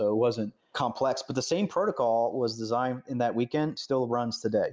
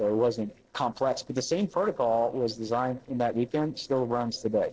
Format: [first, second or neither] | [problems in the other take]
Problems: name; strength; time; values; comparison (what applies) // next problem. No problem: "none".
first | noise reduction (neural separator model SepFormer DNS4)